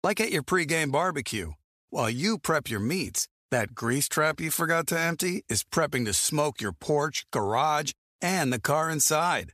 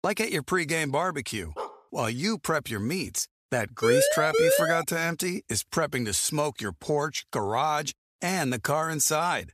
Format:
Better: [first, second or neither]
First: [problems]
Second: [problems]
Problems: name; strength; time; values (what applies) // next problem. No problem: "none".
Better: first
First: none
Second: dog barking; faint; at 1.5 s; peak 10 dB below the speech // siren; loud; from 4 to 5 s; peak 5 dB above the speech